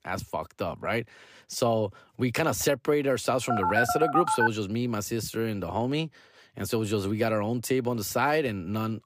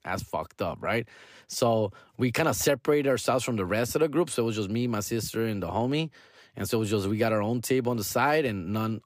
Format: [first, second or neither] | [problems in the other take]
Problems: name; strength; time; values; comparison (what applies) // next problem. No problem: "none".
second | phone ringing; loud; at 3.5 s; peak 3 dB above the speech